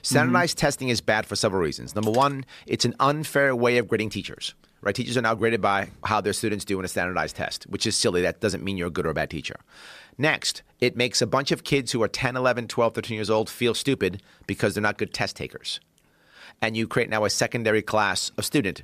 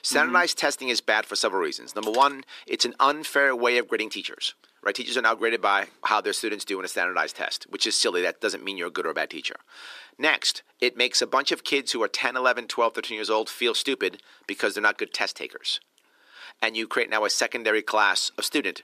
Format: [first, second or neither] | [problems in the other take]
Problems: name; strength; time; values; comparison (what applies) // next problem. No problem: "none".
first | thin; somewhat; fading below 300 Hz